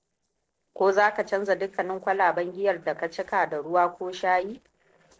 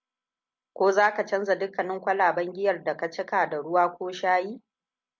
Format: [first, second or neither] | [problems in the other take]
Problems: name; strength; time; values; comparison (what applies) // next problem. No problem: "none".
second | noise reduction (neural separator model SepFormer DNS4)